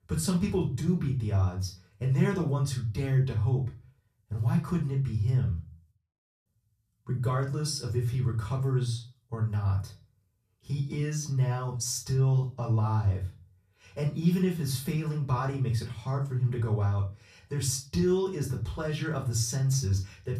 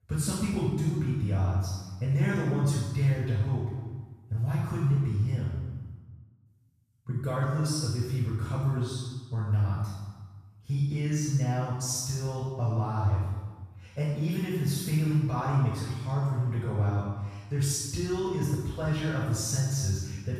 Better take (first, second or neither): first